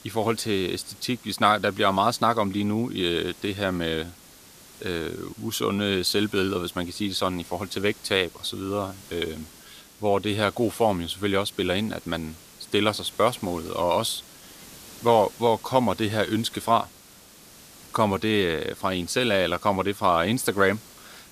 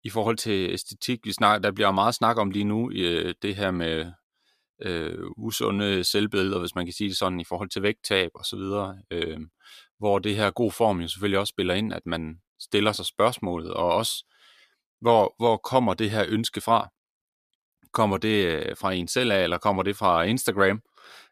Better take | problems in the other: second | hiss; faint; throughout; 20 dB below the speech

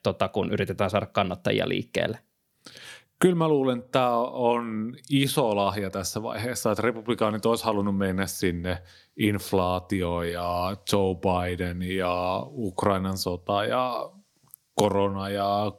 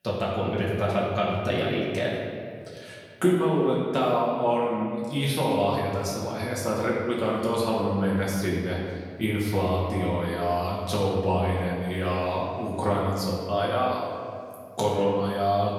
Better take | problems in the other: first | off-mic speech; far // room echo; noticeable; dies away in 1.9 s

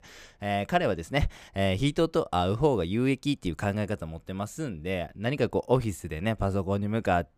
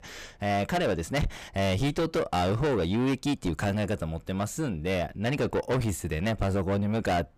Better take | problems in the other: first | distortion; heavy; 7 dB below the speech

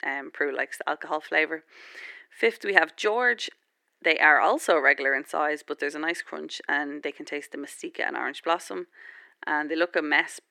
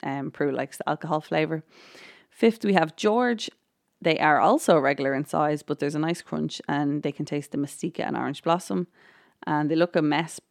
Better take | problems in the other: second | thin; somewhat; fading below 350 Hz

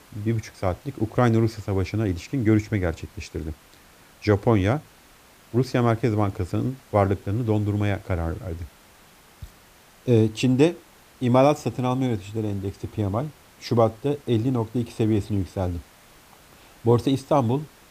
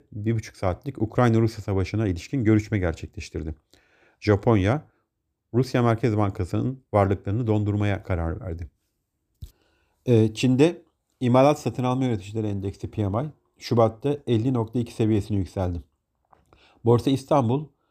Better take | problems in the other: second | hiss; faint; throughout; 25 dB below the speech

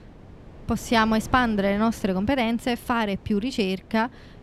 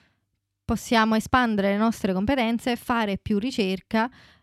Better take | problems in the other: second | wind noise on the microphone; occasional gusts; 25 dB below the speech

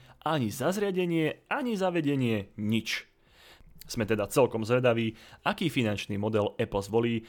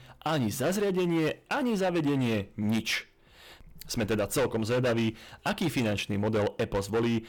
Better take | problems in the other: first | distortion; heavy; 14% of the sound clipped

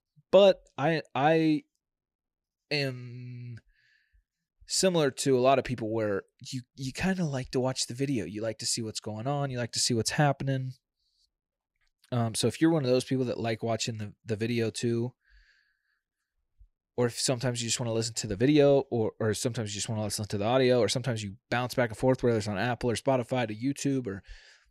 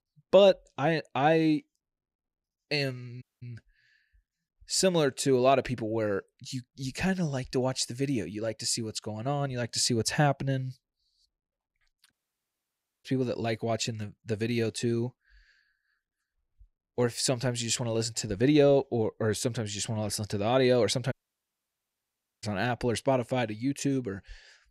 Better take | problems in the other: first | audio cutting out; at 3 s, at 12 s for 1 s and at 21 s for 1.5 s

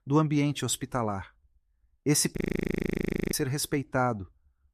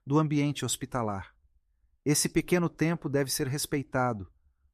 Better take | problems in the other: second | audio freezing; at 2.5 s for 1 s

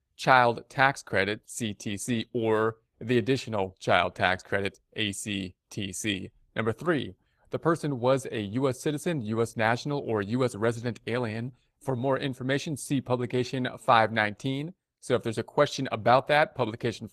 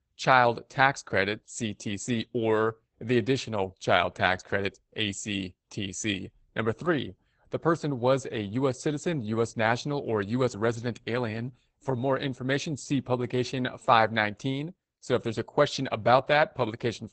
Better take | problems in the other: first | garbled, watery; badly; nothing above 8 kHz; slightly in the first

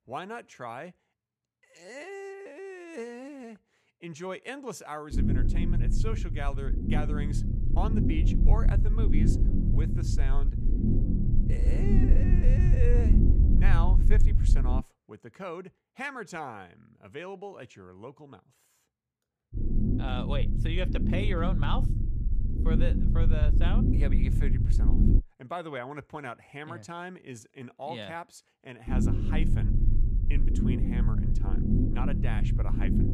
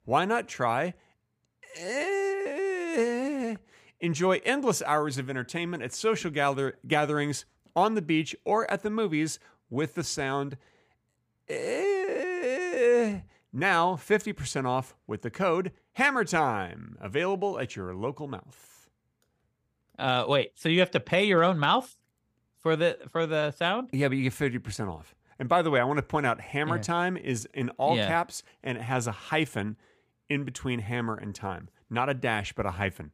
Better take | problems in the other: second | low rumble; loud; from 5 to 15 s, from 20 to 25 s and from 29 s on; 1 dB below the speech

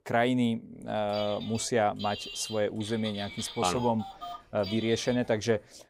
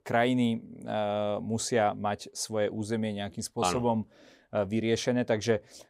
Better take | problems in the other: second | phone ringing; noticeable; from 1 s on; peak 8 dB below the speech

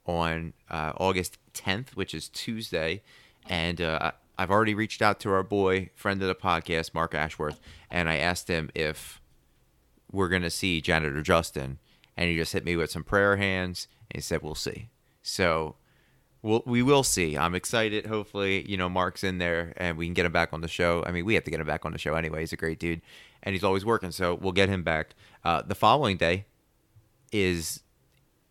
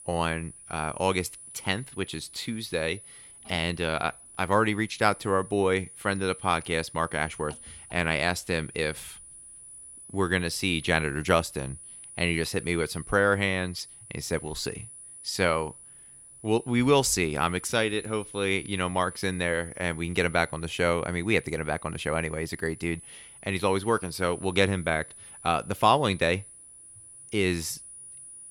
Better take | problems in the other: first | high-pitched whine; noticeable; throughout; 10 kHz, 15 dB below the speech

